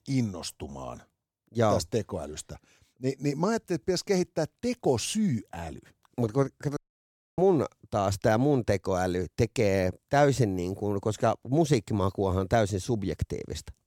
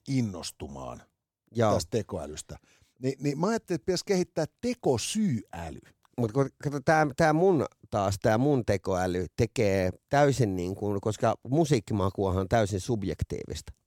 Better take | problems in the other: second | audio cutting out; at 7 s for 0.5 s

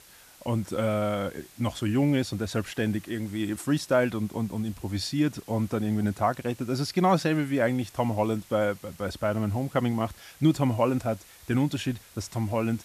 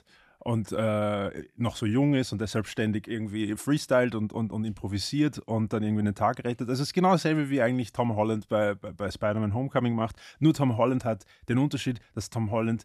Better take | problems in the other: second | hiss; faint; throughout; 25 dB below the speech

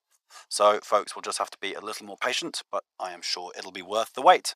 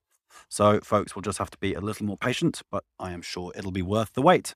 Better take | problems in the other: second | thin; very; fading below 650 Hz

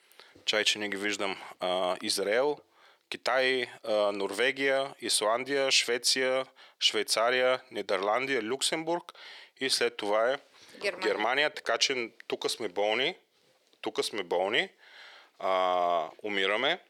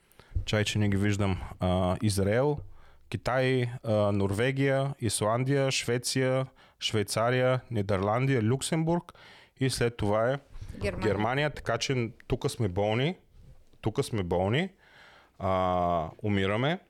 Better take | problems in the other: second | thin; very; fading below 350 Hz

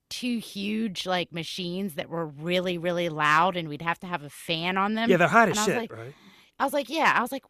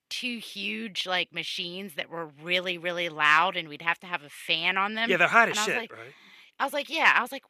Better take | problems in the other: first | thin; somewhat; fading below 350 Hz

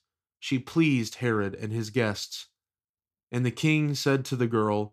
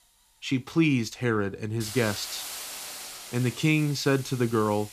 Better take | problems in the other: first | hiss; noticeable; throughout; 10 dB below the speech

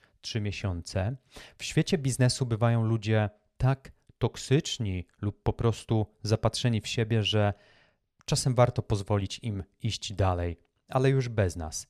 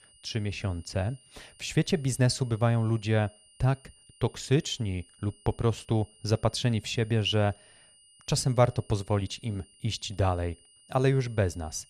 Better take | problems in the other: first | high-pitched whine; faint; throughout; 9 kHz, 25 dB below the speech

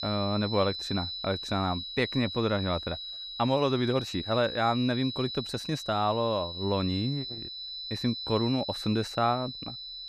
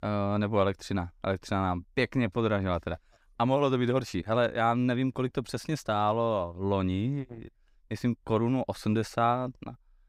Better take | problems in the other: second | high-pitched whine; loud; throughout; 4 kHz, 6 dB below the speech

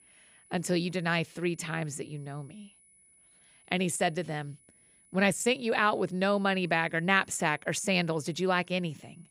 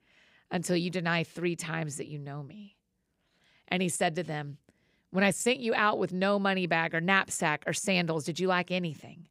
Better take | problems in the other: second | high-pitched whine; faint; throughout; 10 kHz, 30 dB below the speech

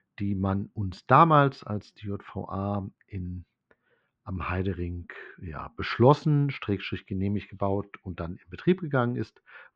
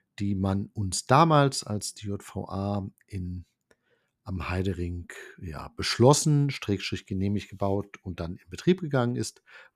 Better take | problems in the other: second | muffled; very; fading above 3 kHz

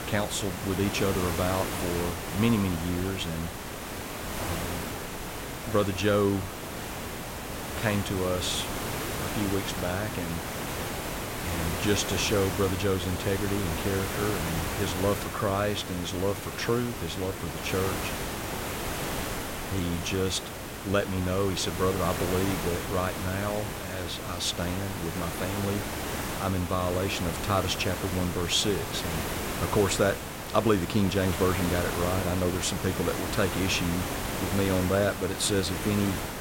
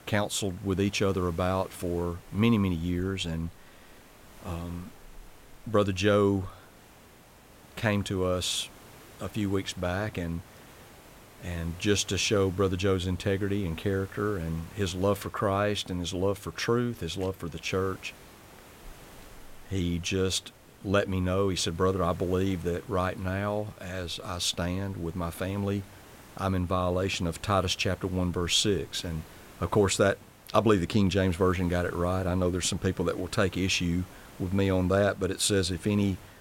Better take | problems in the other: second | hiss; loud; throughout; 4 dB below the speech; faint in the second

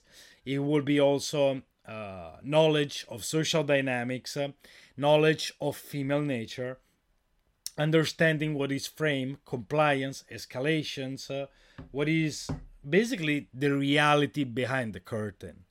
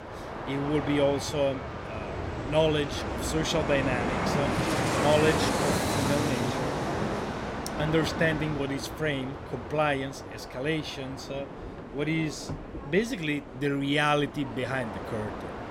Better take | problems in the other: first | train or aircraft noise; loud; throughout; 3 dB below the speech

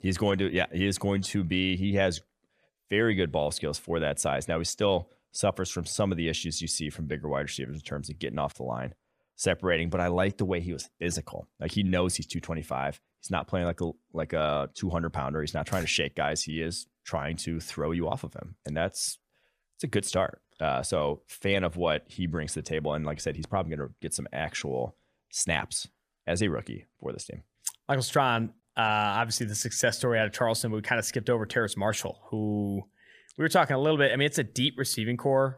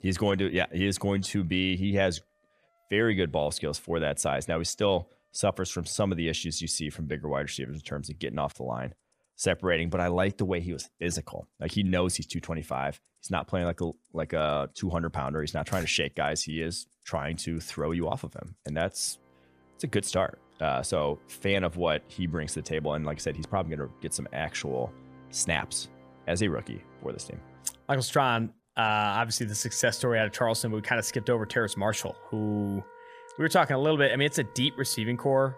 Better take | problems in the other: first | background music; faint; throughout; 25 dB below the speech

